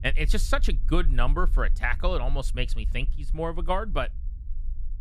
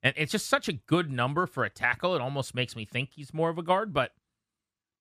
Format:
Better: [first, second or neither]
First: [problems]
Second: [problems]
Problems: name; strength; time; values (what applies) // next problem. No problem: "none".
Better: second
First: low rumble; faint; throughout; 25 dB below the speech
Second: none